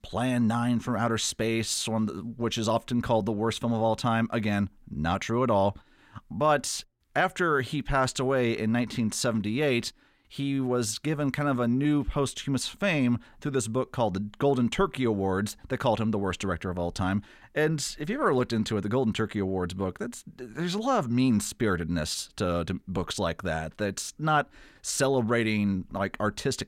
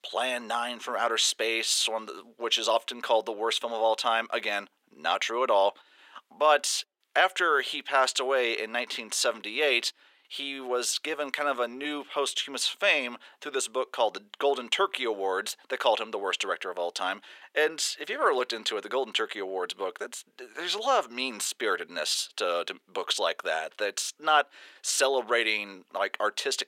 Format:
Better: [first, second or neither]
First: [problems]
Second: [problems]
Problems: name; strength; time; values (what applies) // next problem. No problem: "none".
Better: first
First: none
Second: thin; very; fading below 450 Hz